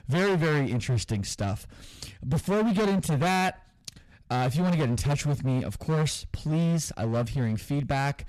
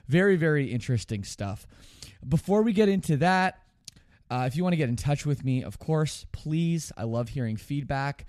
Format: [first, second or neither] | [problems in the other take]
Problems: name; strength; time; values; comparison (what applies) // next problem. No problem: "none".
second | distortion; heavy; 23% of the sound clipped